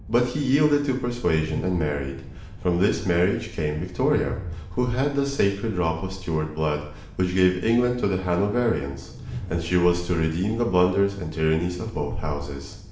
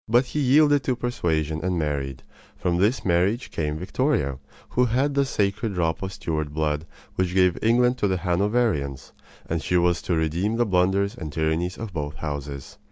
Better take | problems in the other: second | background sound (Train); 14 dB below the speech // room echo; dies away in 0.7 s

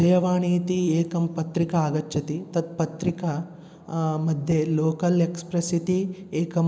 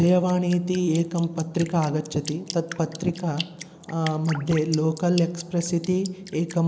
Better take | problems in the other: first | background sound (Drip); 17 dB below the speech

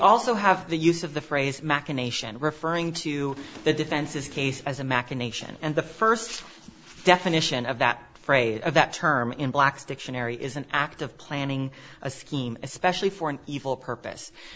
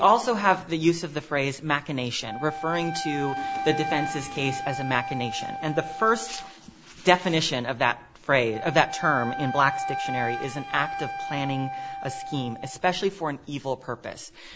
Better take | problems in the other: first | background sound (Wind instrument, woodwind instrument); 8 dB below the speech

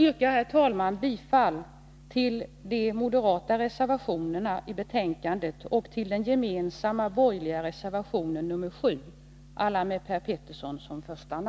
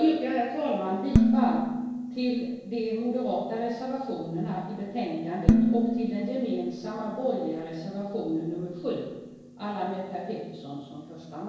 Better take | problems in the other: first | background sound (Dishes, pots, and pans); 1 dB above the speech // room echo; dies away in 1 s

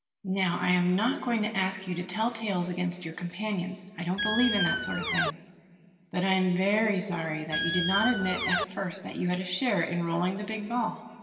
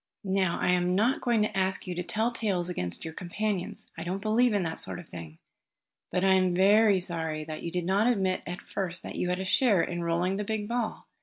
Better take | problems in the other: second | background sound (Squeak); as loud as the speech // room echo; dies away in 2.2 s

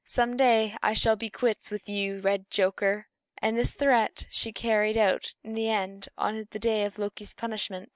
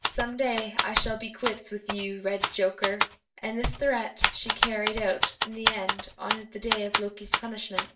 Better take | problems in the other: first | background sound (Typewriter); as loud as the speech // room echo; dies away in 0.3 s

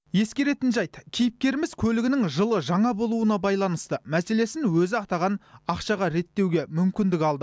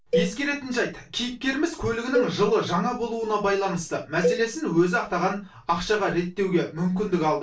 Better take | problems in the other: first | background sound (Cowbell); 7 dB below the speech // room echo; dies away in 0.2 s

